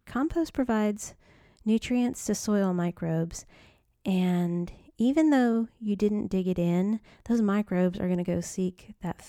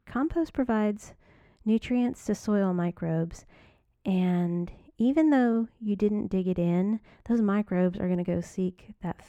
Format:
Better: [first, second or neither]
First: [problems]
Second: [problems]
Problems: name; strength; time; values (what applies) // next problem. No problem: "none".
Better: first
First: none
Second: muffled; slightly; fading above 3.5 kHz